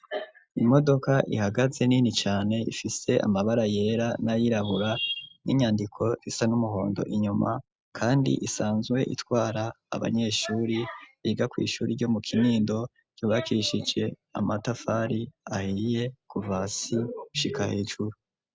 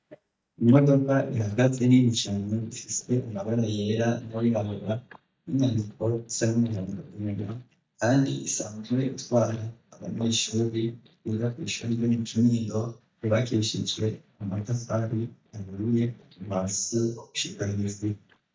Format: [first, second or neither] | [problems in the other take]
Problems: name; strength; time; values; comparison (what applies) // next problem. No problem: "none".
first | noise reduction (neural mask model DeepFilterNet 3)